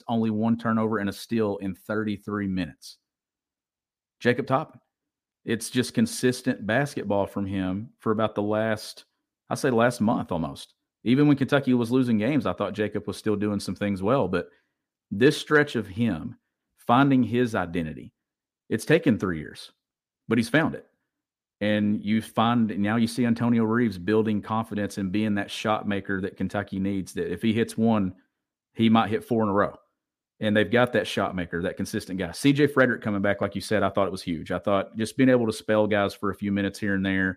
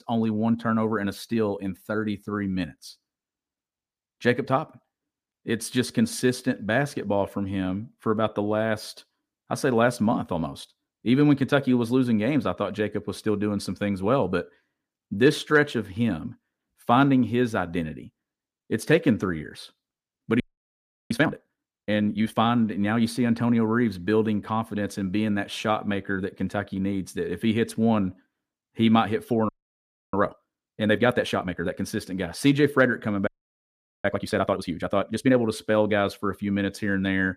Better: first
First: none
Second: audio freezing; at 20 s for 0.5 s, at 29 s for 0.5 s and at 33 s for 1 s

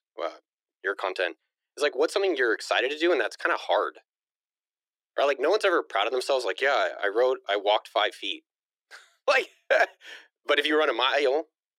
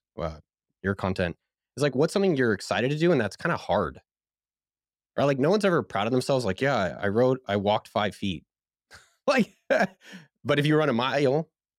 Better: second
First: thin; very; fading below 300 Hz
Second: none

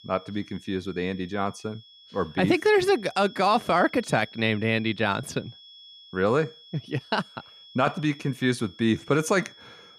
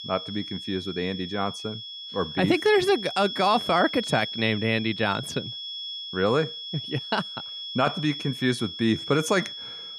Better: first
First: high-pitched whine; faint; throughout; 3.5 kHz, 20 dB below the speech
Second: high-pitched whine; loud; throughout; 3.5 kHz, 8 dB below the speech

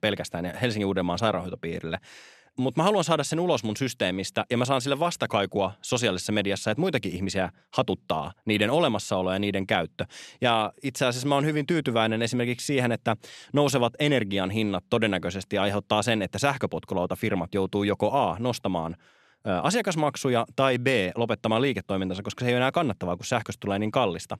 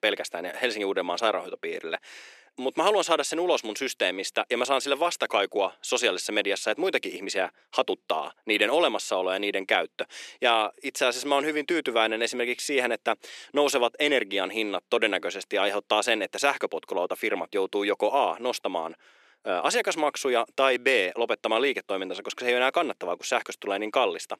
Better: first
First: none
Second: thin; somewhat; fading below 350 Hz

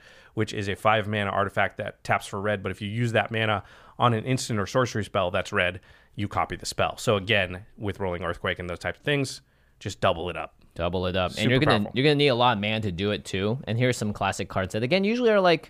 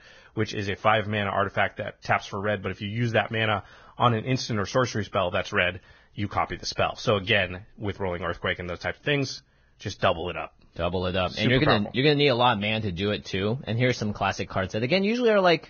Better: first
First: none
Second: garbled, watery; badly; nothing above 6.5 kHz

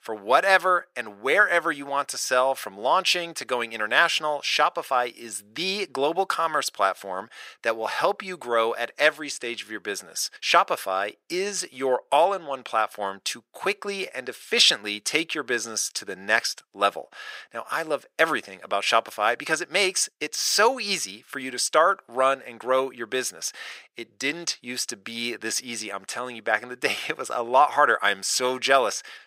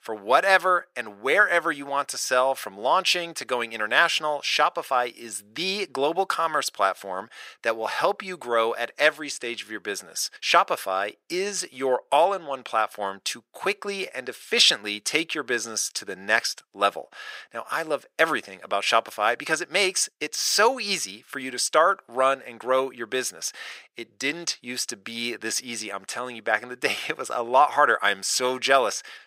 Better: neither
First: thin; very; fading below 600 Hz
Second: thin; very; fading below 600 Hz

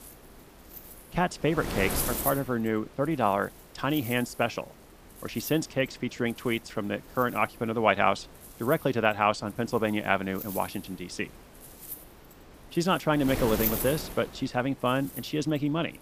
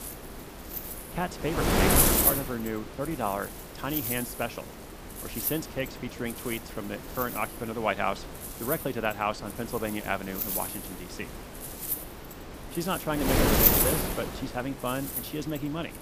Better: first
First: wind noise on the microphone; occasional gusts; 15 dB below the speech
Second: wind noise on the microphone; heavy; as loud as the speech

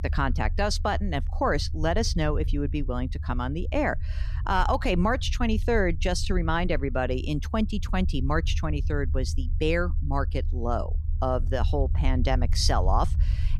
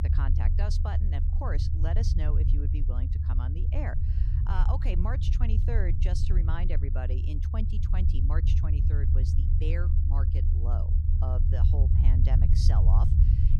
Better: first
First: low rumble; faint; throughout; 20 dB below the speech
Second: low rumble; loud; throughout; 2 dB below the speech

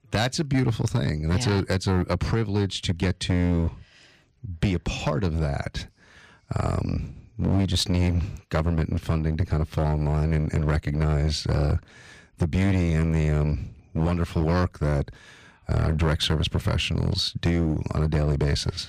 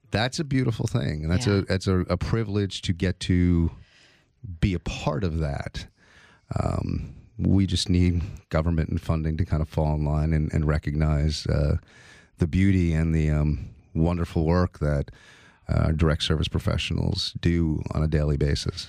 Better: second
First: distortion; slight; 9% of the sound clipped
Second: none

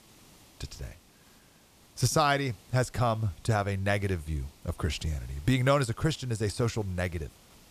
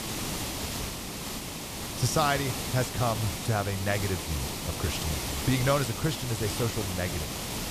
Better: first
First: hiss; faint; throughout; 25 dB below the speech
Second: hiss; loud; throughout; 3 dB below the speech

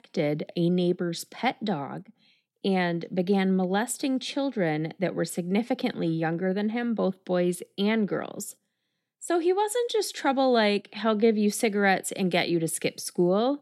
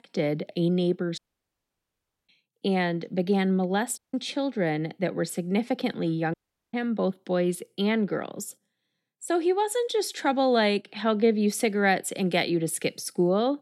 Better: first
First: none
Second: audio cutting out; at 1 s for 1 s, at 4 s and at 6.5 s

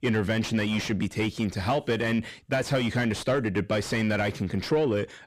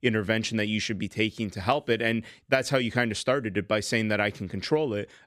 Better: second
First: distortion; heavy; 6 dB below the speech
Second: none

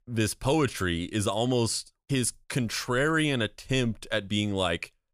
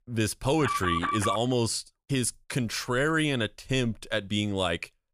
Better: first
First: none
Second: alarm; noticeable; at 0.5 s; peak 1 dB below the speech

